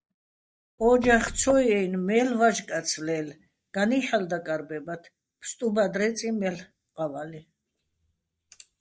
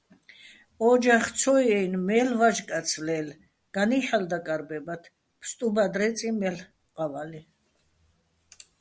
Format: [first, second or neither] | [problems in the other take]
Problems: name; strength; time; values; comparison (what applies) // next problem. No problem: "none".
second | noise reduction (neural mask model DeepFilterNet 3)